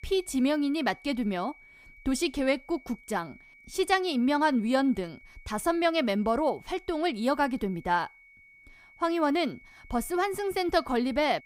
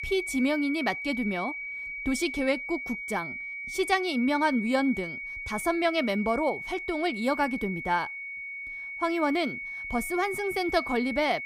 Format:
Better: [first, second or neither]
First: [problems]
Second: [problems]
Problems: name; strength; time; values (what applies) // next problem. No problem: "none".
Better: first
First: high-pitched whine; faint; throughout; 2 kHz, 25 dB below the speech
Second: high-pitched whine; loud; throughout; 2 kHz, 6 dB below the speech